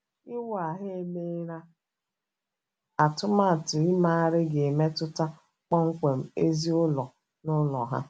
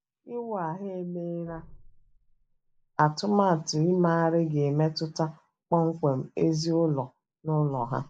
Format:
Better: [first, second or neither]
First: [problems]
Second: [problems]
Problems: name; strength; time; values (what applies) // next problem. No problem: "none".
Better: first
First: none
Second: noise reduction (neural mask model Resemble Enhance denoiser)